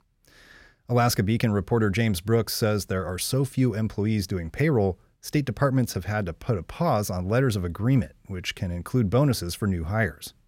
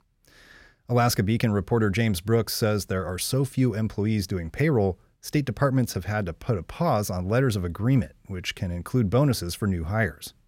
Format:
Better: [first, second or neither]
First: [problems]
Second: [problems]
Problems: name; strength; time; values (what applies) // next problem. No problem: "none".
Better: neither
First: none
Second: none